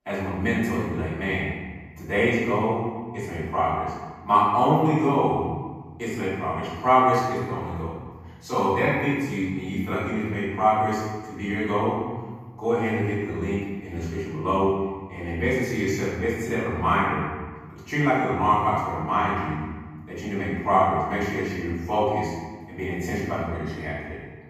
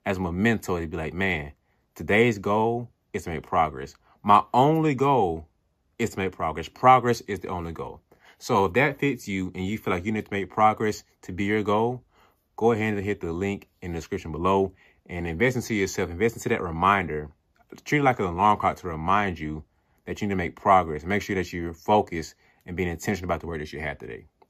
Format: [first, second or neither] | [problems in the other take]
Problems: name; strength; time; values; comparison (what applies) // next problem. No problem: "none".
second | off-mic speech; far // room echo; strong; dies away in 1.3 s